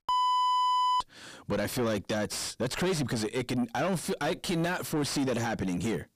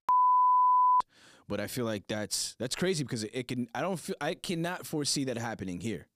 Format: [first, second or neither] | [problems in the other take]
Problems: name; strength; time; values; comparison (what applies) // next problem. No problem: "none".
second | distortion; heavy; 5 dB below the speech